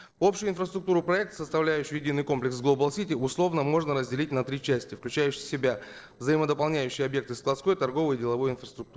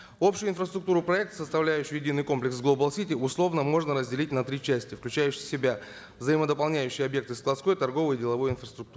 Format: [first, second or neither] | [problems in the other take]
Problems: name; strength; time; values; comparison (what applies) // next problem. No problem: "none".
second | noise reduction (neural separator model SepFormer DNS4)